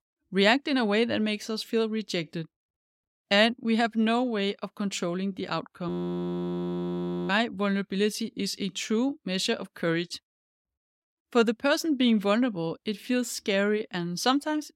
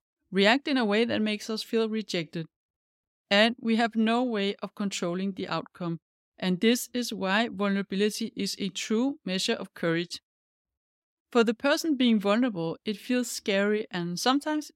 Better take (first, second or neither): second